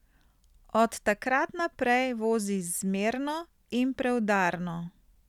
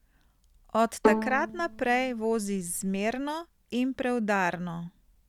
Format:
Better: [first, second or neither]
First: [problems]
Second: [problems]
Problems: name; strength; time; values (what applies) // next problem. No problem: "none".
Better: first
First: none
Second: background sound (Bowed string instrument); 2 dB below the speech